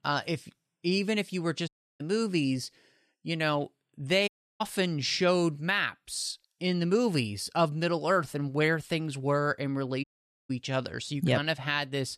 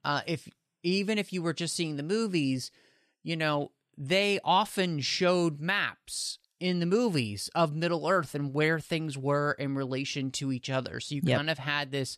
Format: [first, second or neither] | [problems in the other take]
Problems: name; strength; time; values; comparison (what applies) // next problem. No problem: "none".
second | audio cutting out; at 1.5 s, at 4.5 s and at 10 s